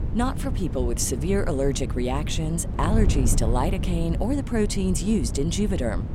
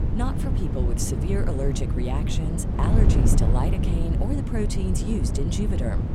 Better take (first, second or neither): first